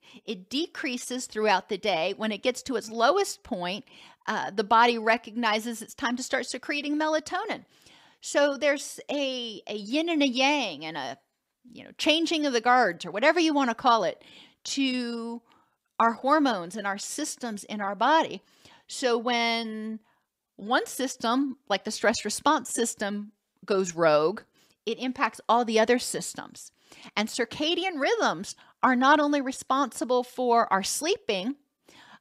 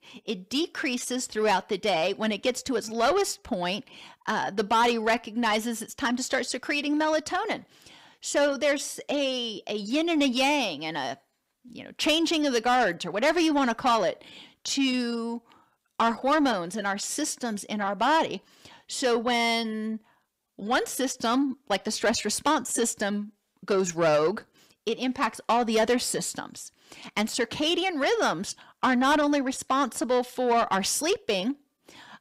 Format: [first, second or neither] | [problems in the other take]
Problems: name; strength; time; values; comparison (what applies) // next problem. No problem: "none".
first | distortion; slight; 10 dB below the speech